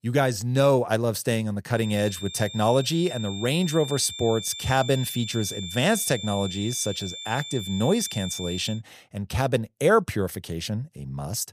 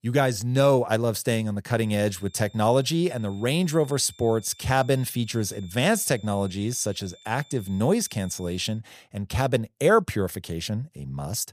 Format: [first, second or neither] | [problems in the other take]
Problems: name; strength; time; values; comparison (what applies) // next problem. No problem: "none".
second | high-pitched whine; loud; from 2 to 8.5 s; 3.5 kHz, 10 dB below the speech; faint in the second